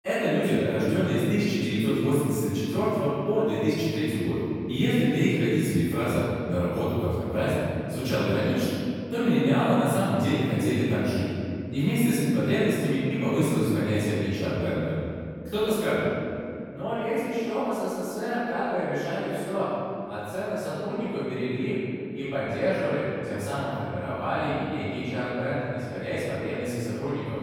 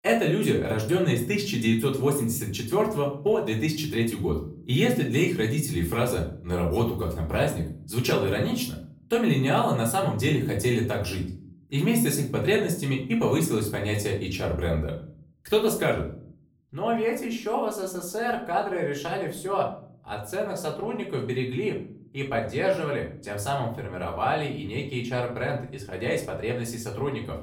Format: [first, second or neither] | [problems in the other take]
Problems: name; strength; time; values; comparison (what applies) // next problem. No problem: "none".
second | room echo; strong; dies away in 2.8 s; slight in the second // off-mic speech; far; far in the second